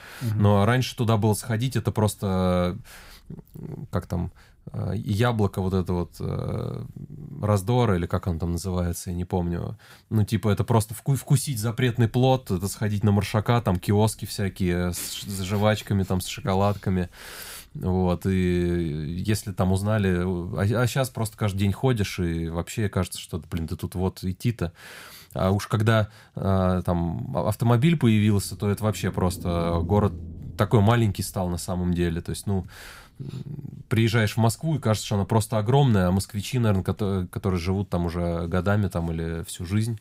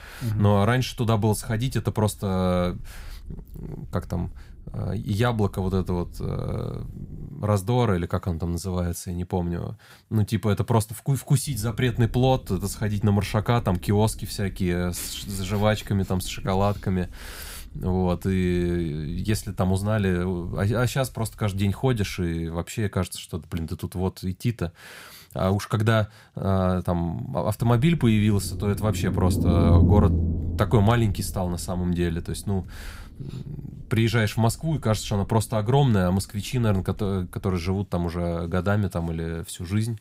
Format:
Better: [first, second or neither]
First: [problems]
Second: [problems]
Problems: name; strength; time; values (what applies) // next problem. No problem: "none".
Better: first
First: low rumble; faint; until 7.5 s, from 11 to 22 s and from 28 to 38 s; 20 dB below the speech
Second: low rumble; loud; until 7.5 s, from 11 to 22 s and from 28 to 38 s; 7 dB below the speech